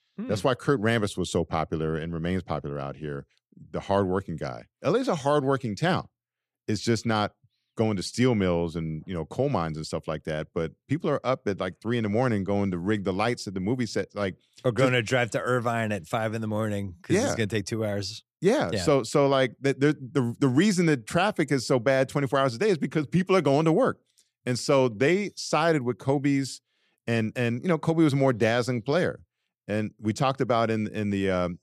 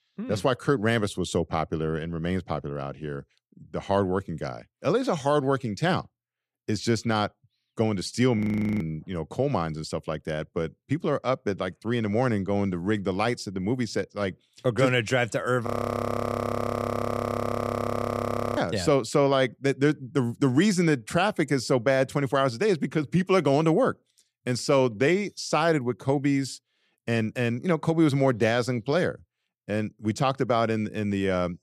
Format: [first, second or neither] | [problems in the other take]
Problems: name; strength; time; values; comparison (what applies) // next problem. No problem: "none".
first | audio freezing; at 8.5 s and at 16 s for 3 s